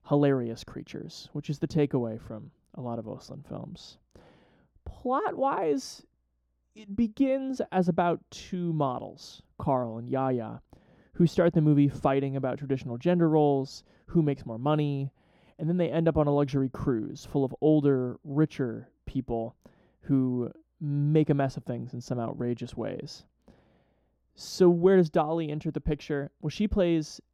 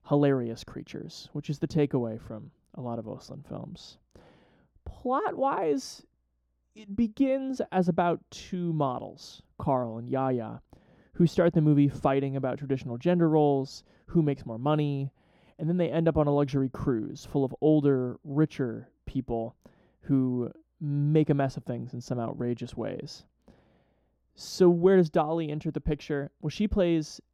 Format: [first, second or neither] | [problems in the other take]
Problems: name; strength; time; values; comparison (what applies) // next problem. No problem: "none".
neither | muffled; slightly; fading above 1.5 kHz; the same in both